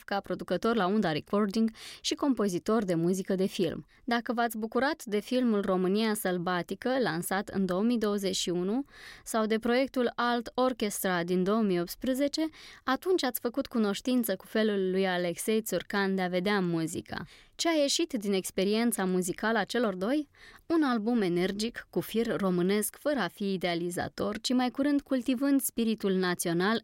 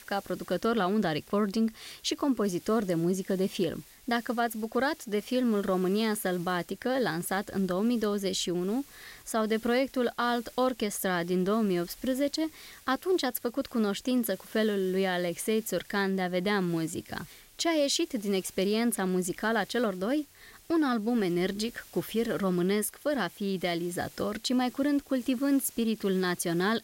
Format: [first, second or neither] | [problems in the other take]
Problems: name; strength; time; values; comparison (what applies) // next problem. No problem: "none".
first | hiss; faint; throughout; 20 dB below the speech